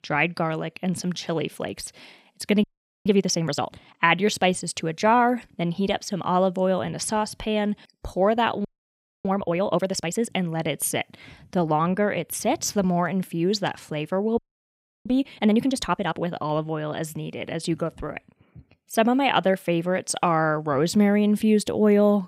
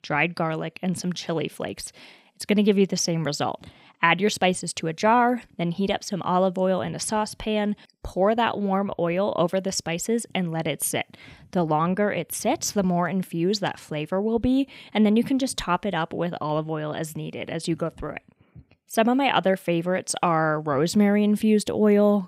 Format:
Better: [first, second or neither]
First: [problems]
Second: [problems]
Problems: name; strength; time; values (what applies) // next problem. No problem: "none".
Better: second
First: audio freezing; at 2.5 s, at 8.5 s for 0.5 s and at 14 s for 0.5 s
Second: none